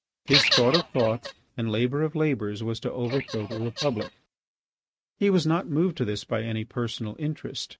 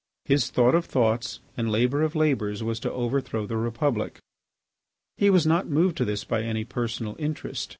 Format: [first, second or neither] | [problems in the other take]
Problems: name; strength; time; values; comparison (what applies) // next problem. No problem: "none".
second | noise reduction (neural mask model RNNoise)